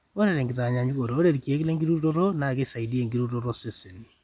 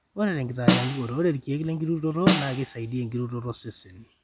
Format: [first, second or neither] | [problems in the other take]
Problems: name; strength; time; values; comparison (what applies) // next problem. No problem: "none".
first | background sound (Snare drum); as loud as the speech